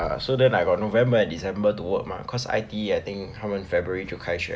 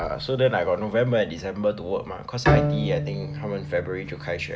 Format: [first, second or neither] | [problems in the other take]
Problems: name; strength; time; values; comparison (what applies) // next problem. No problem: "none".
first | background sound (Bowed string instrument); 3 dB below the speech